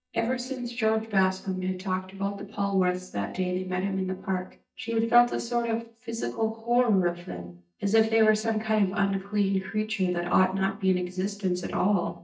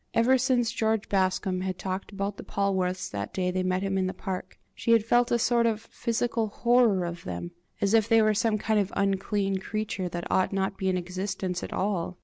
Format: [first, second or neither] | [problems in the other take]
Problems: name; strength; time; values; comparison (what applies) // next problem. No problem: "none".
second | noise reduction (neural mask model DeepFilterNet 3)